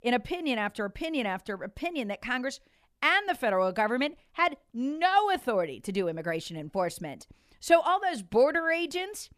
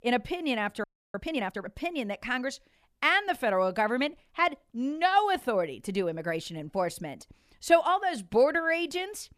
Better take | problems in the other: first | audio freezing; at 1 s

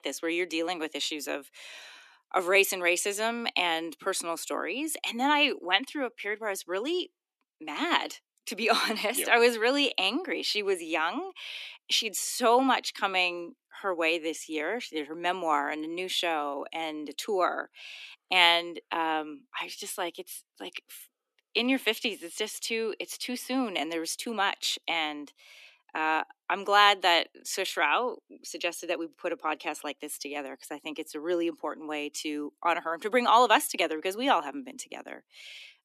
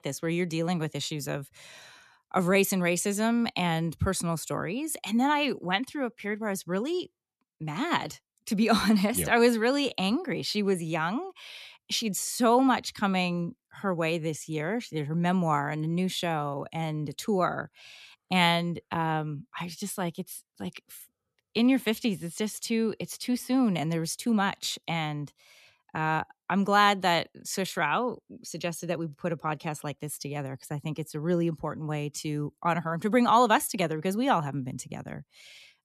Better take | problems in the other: second | thin; somewhat; fading below 300 Hz

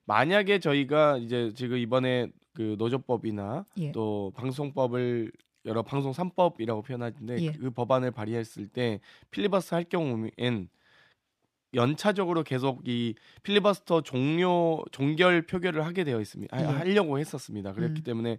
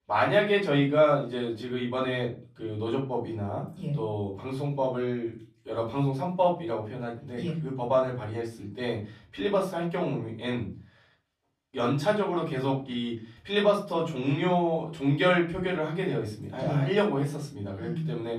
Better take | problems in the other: first | off-mic speech; far // room echo; slight; dies away in 0.3 s

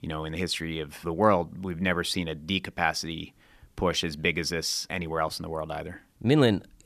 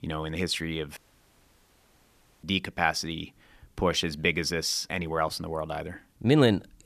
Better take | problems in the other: first | audio cutting out; at 1 s for 1.5 s

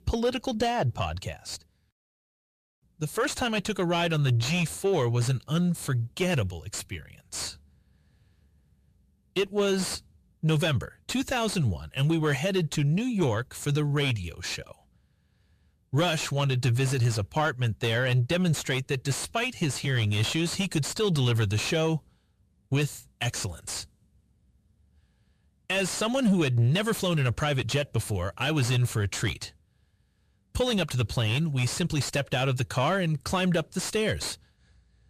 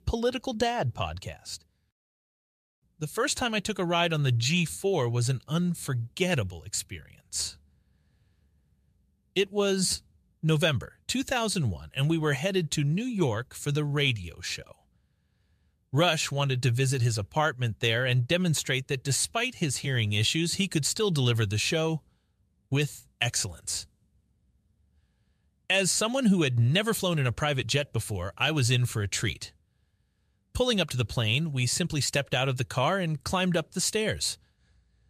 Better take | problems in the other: second | distortion; slight; 10 dB below the speech

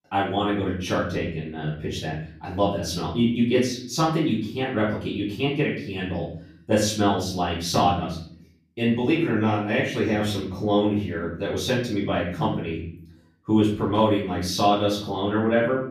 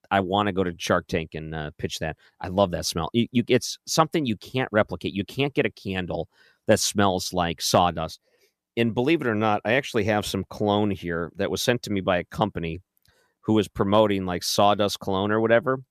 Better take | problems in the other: second | off-mic speech; far // room echo; noticeable; dies away in 0.6 s

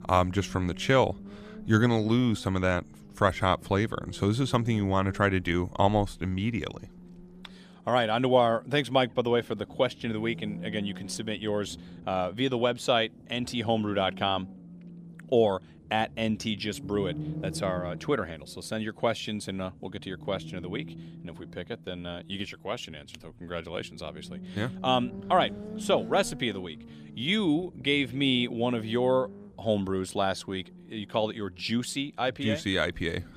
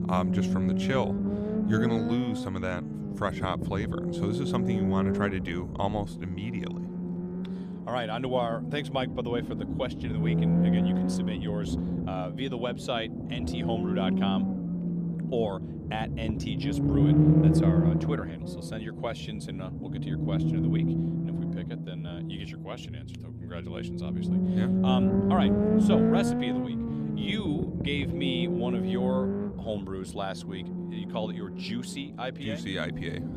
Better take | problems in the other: first | low rumble; loud; throughout; as loud as the speech; faint in the first

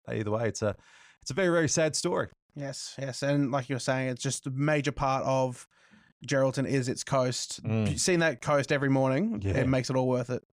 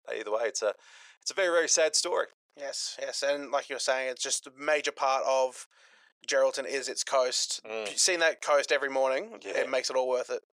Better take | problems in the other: first | thin; very; fading below 450 Hz

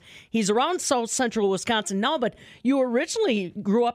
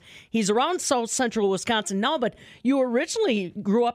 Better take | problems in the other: neither | none

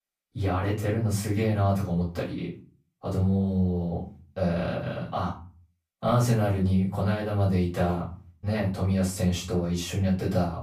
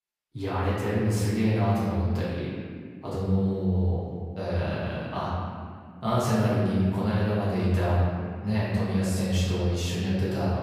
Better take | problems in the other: first | room echo; strong; dies away in 2 s; slight in the first // off-mic speech; far; far in the first

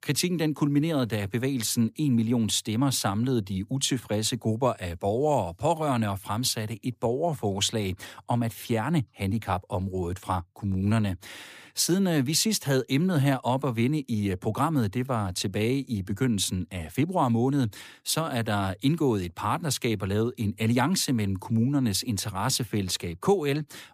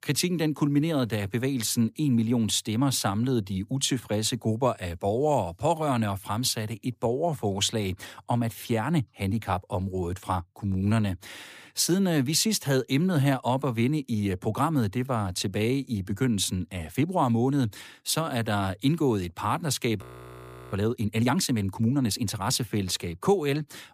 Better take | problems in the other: first | audio freezing; at 20 s for 0.5 s

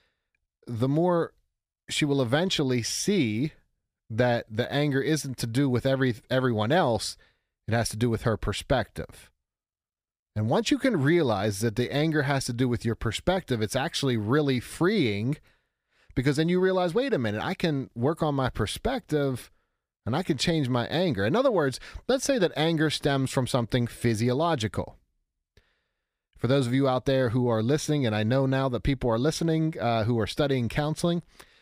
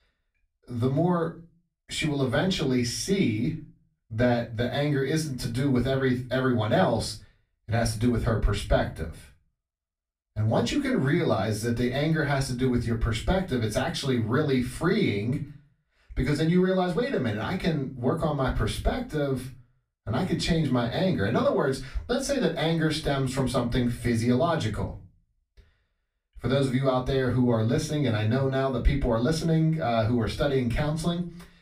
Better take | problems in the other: first | off-mic speech; far // room echo; very slight; dies away in 0.3 s

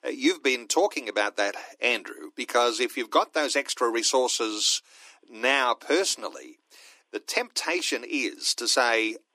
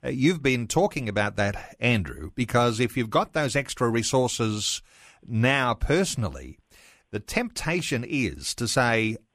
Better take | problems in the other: second | thin; somewhat; fading below 300 Hz

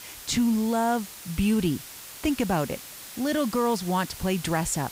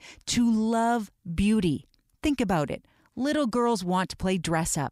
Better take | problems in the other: second | hiss; noticeable; throughout; 15 dB below the speech

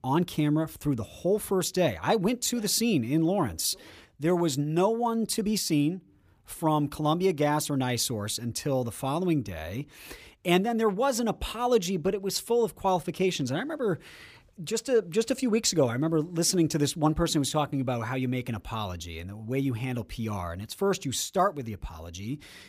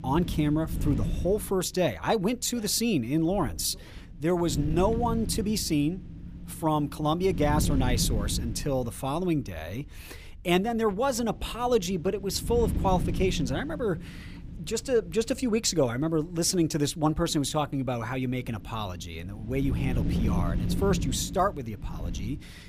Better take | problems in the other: first | wind noise on the microphone; occasional gusts; 15 dB below the speech

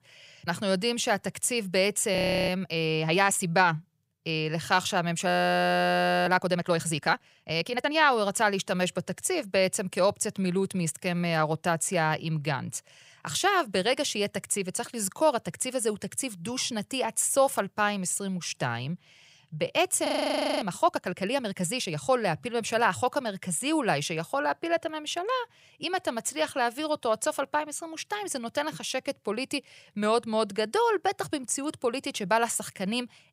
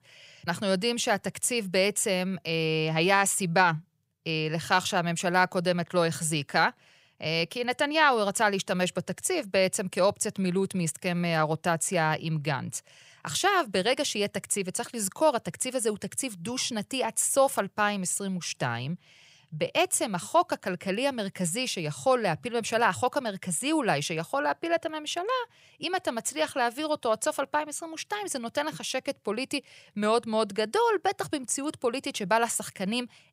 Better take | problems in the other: second | audio freezing; at 2 s, at 5.5 s for 1 s and at 20 s for 0.5 s

